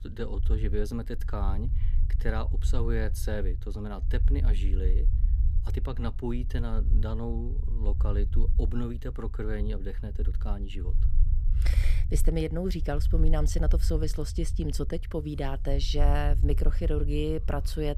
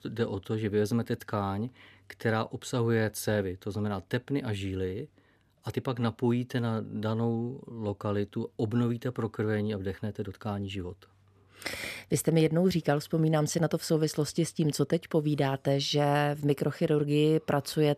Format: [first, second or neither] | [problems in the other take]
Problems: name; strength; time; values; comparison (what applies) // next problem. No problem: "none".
second | low rumble; noticeable; throughout; 15 dB below the speech